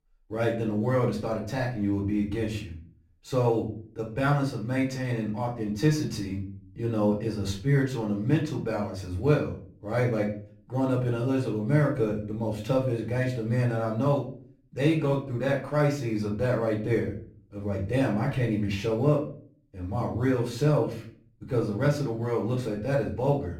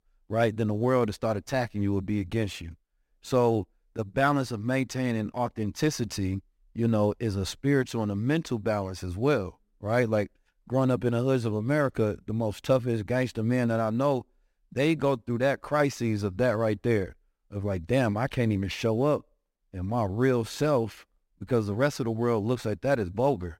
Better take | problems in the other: second | room echo; slight; dies away in 0.4 s // off-mic speech; far

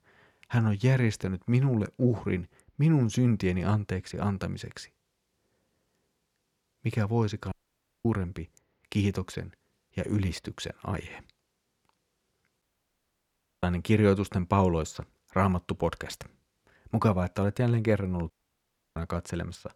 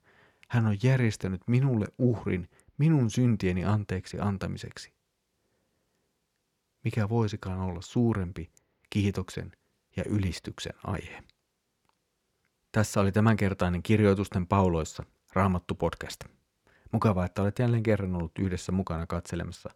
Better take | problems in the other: second | audio cutting out; at 7.5 s for 0.5 s, at 13 s for 1 s and at 18 s for 0.5 s

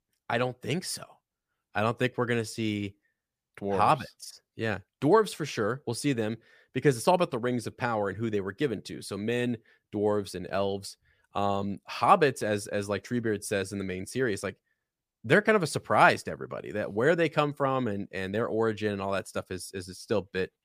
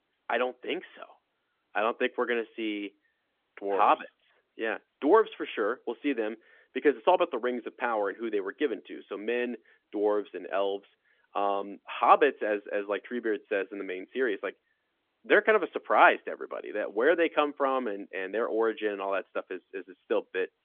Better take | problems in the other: first | phone-call audio; nothing above 3.5 kHz

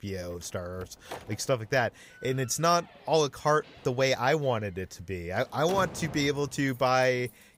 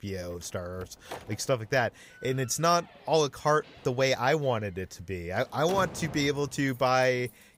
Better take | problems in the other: neither | door banging; faint; peak 10 dB below the speech; the same in both

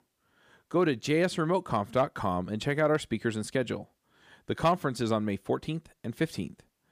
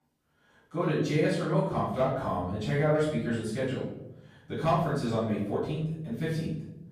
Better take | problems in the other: first | off-mic speech; far // room echo; noticeable; dies away in 0.9 s

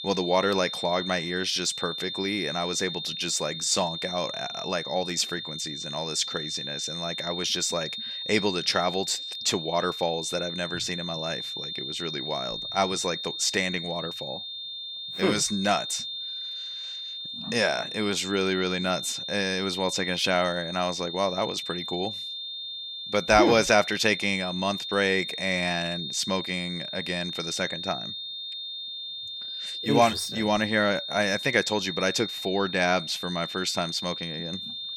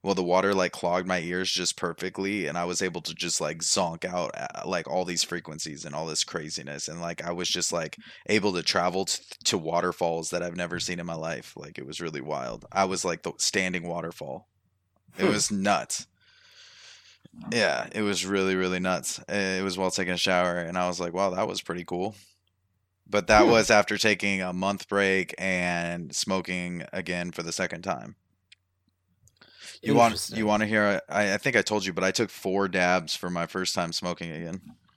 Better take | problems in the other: second | high-pitched whine; loud; throughout; 3.5 kHz, 6 dB below the speech

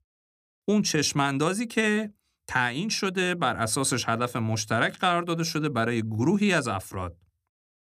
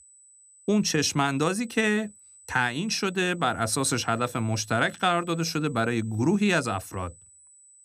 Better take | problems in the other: first | high-pitched whine; faint; throughout; 8 kHz, 25 dB below the speech

